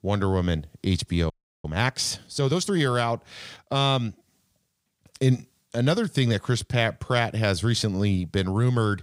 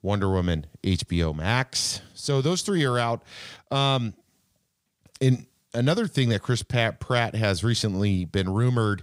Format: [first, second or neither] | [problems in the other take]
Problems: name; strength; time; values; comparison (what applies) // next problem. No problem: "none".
second | audio freezing; at 1.5 s